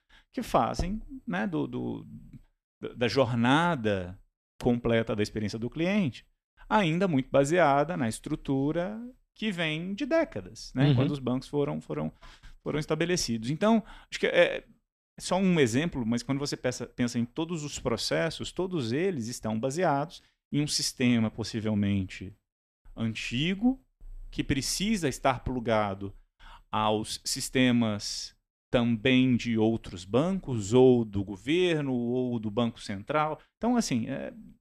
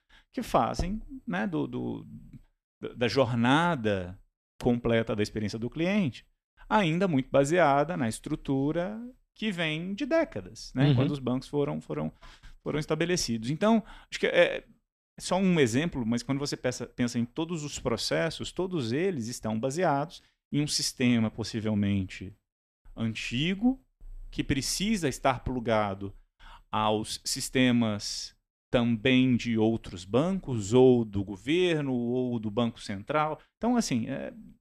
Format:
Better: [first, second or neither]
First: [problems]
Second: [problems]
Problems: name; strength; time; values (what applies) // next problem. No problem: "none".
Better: neither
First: none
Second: none